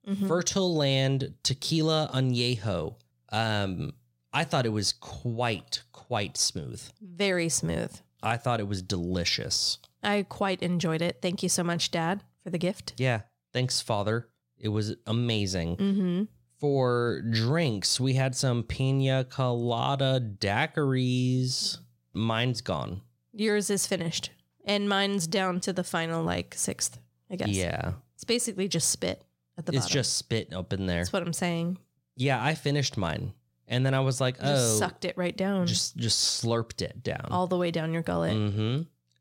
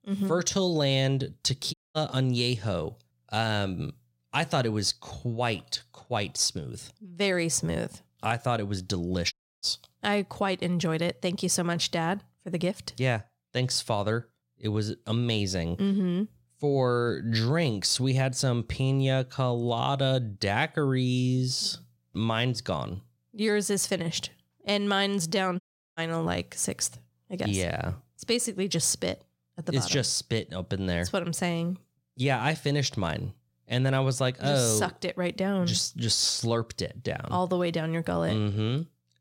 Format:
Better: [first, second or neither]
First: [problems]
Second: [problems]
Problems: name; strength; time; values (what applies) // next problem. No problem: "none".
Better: first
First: none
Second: audio cutting out; at 1.5 s, at 9.5 s and at 26 s